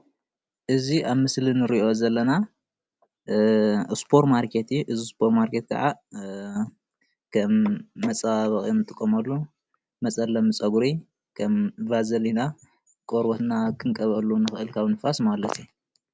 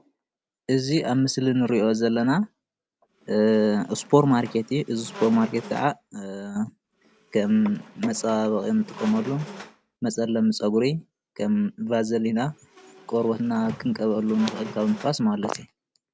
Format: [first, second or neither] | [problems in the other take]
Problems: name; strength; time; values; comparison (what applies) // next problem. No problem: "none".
first | background sound (Squeak); 18 dB below the speech